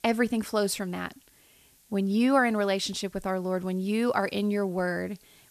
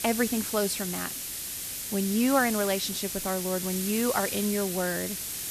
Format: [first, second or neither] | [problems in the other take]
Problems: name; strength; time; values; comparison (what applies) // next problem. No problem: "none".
first | hiss; loud; throughout; 3 dB below the speech; faint in the first